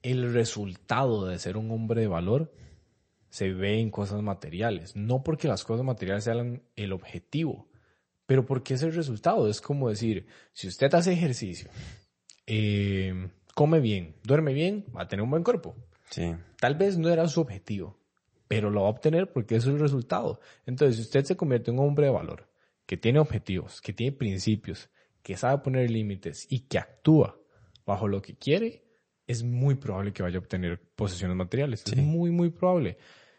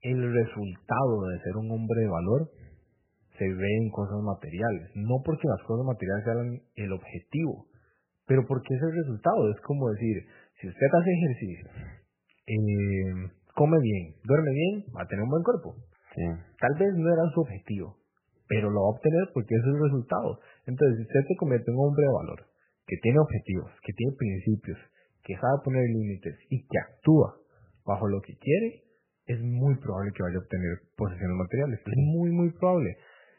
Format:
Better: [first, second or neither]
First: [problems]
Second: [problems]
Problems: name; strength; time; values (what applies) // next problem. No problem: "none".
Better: first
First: garbled, watery; slightly; nothing above 8 kHz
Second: garbled, watery; badly; nothing above 3 kHz